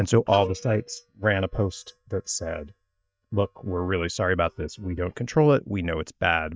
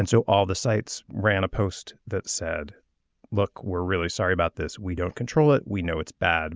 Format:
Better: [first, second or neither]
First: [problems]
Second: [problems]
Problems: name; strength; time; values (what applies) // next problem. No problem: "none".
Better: second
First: noise reduction (neural mask model DeepFilterNet 3)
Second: none